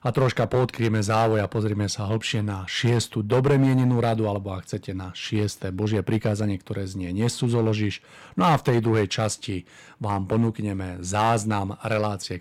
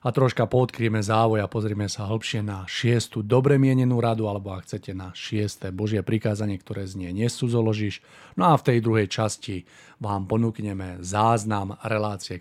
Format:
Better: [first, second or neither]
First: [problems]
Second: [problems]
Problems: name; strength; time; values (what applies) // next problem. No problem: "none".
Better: second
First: distortion; slight; 4% of the sound clipped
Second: none